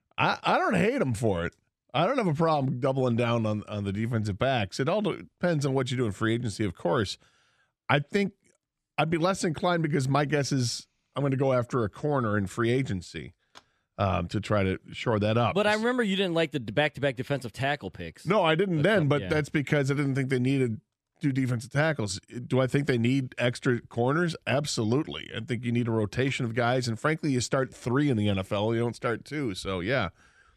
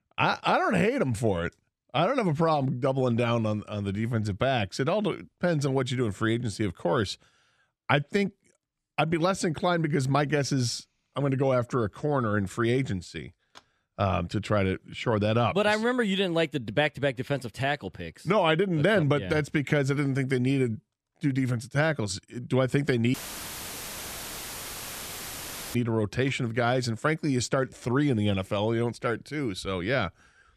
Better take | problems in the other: first | audio cutting out; filled with static; at 23 s for 2.5 s

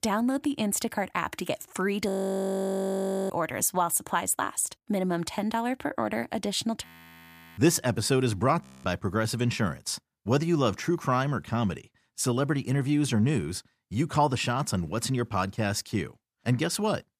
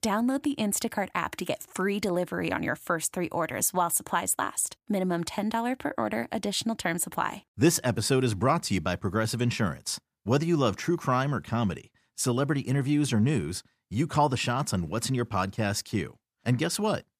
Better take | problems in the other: second | audio freezing; at 2 s for 1 s, at 7 s for 0.5 s and at 8.5 s

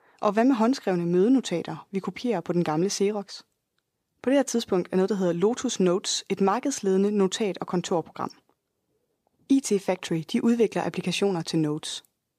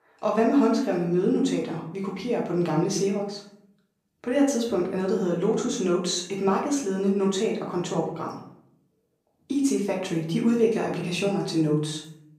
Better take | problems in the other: first | room echo; noticeable; dies away in 0.6 s // off-mic speech; far

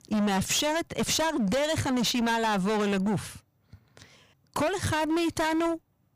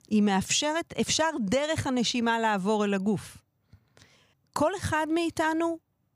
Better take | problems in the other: second | distortion; heavy; 24% of the sound clipped

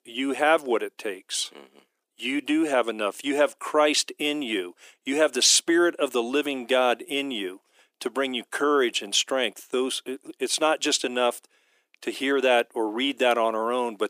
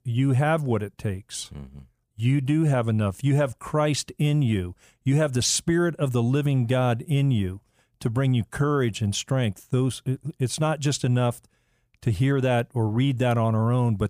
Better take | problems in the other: second | thin; somewhat; fading below 300 Hz

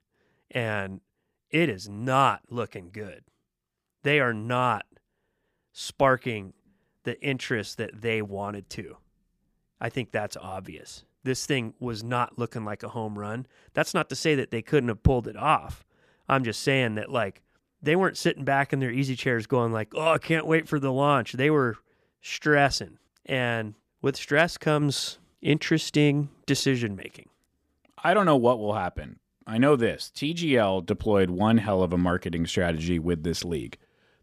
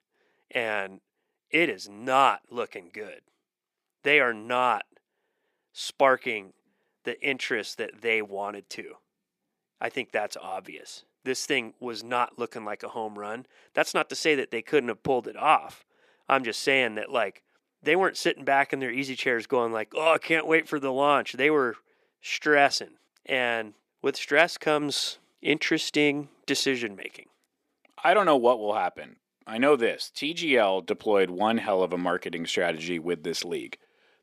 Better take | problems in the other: first | thin; somewhat; fading below 350 Hz

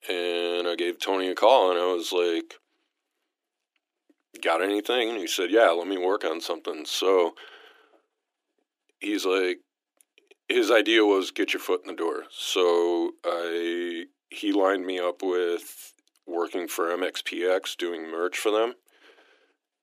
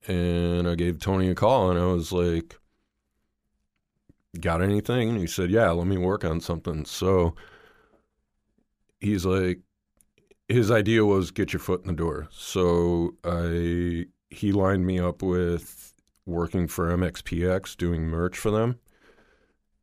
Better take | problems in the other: second | thin; very; fading below 300 Hz

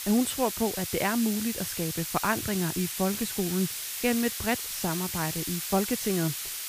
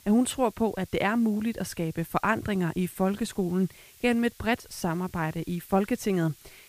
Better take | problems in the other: second | hiss; loud; throughout; 3 dB below the speech; faint in the second

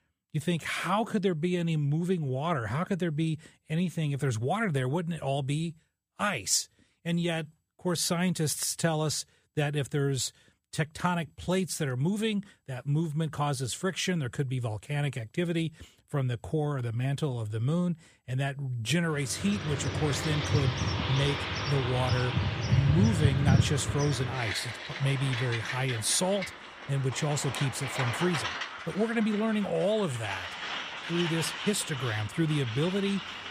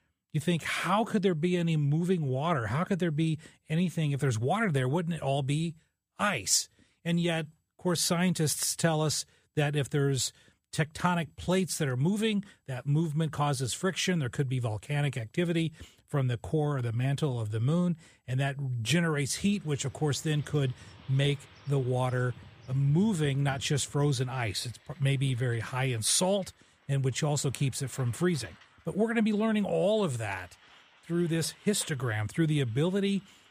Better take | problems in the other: second | traffic noise; loud; from 20 s on; 2 dB below the speech; faint in the second

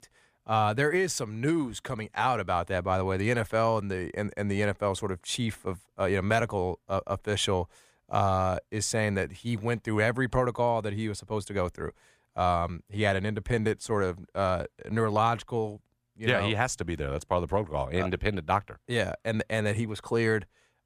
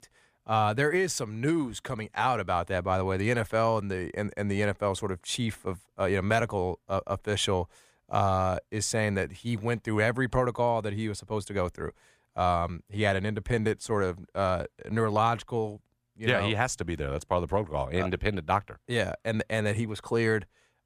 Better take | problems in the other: neither | none

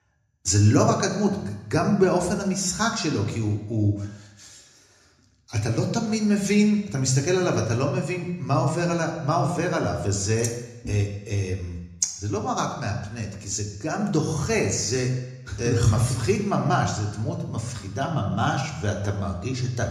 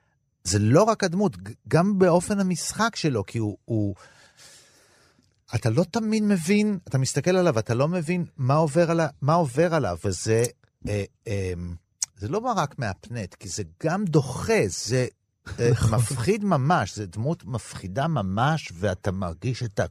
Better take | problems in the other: second | room echo; slight; dies away in 0.9 s

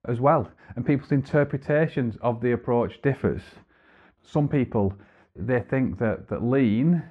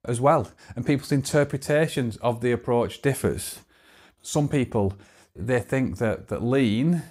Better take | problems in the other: second | muffled; very; fading above 2 kHz

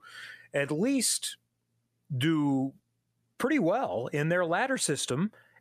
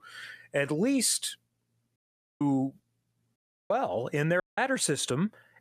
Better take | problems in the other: first | audio cutting out; at 2 s, at 3.5 s and at 4.5 s

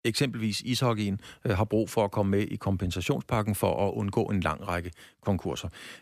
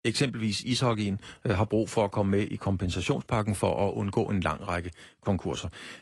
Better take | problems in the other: first | garbled, watery; slightly; nothing above 10.5 kHz

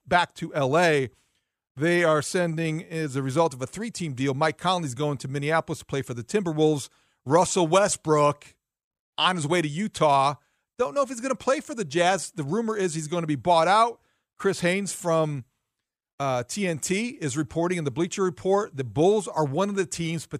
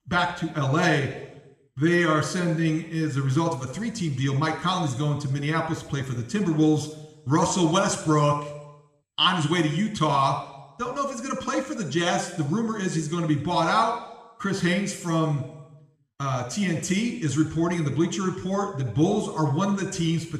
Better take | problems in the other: first | room echo; slight; dies away in 0.9 s // off-mic speech; somewhat distant

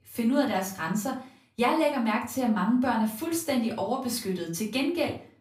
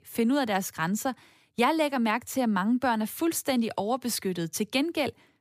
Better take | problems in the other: second | off-mic speech; far // room echo; slight; dies away in 0.3 s

